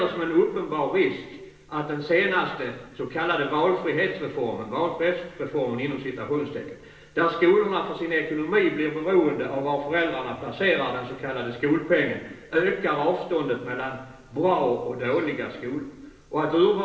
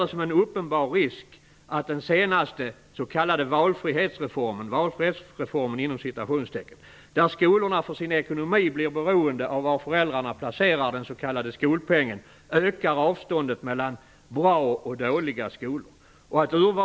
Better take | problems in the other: second | room echo; dies away in 0.9 s

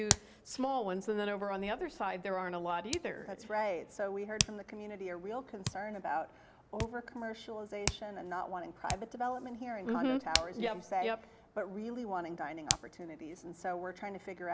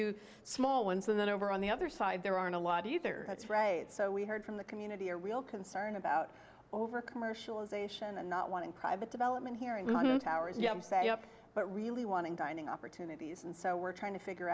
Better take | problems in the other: second | background sound (Hands); 5 dB below the speech

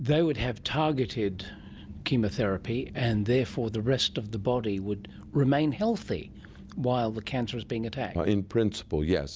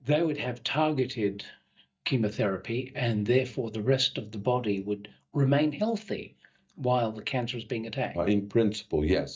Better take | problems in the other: first | noise reduction (neural mask model DeepFilterNet 3)

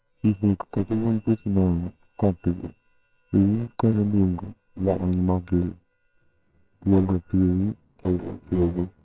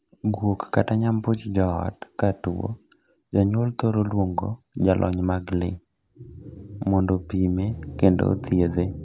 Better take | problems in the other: second | noise reduction (neural separator model SepFormer WHAMR!)

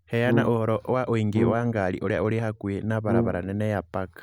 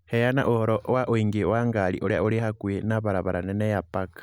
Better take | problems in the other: second | background sound (Brass instrument); 3 dB below the speech

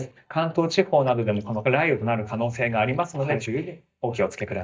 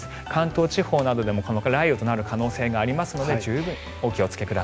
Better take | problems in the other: second | noise reduction (neural mask model DeepFilterNet 3)

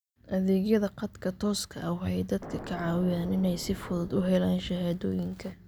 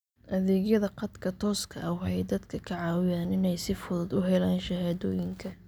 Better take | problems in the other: second | background sound (Explosion); 15 dB below the speech

